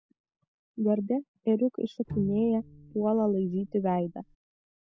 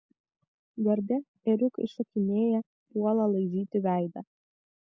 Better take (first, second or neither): second